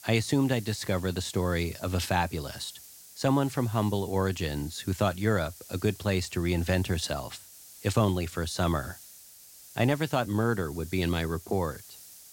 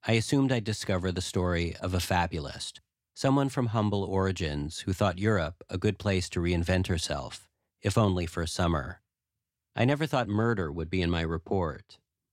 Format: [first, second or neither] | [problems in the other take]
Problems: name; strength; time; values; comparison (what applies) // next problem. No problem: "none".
second | hiss; noticeable; throughout; 20 dB below the speech